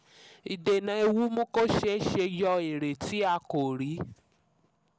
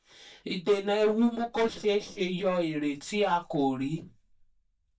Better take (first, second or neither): first